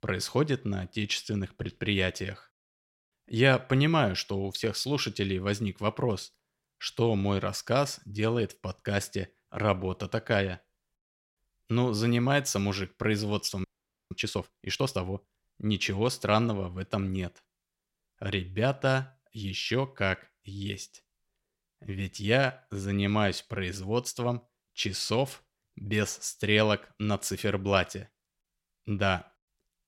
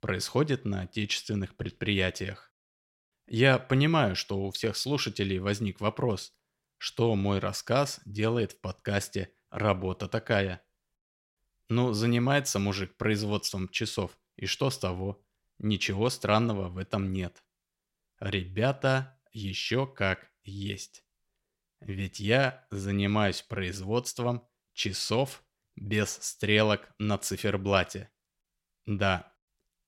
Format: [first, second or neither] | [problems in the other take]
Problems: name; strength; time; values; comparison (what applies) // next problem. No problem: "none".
second | audio freezing; at 14 s